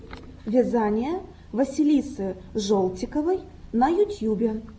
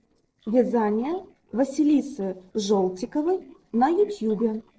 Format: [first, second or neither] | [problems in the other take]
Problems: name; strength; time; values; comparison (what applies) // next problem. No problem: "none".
first | noise reduction (neural separator model SepFormer DNS4)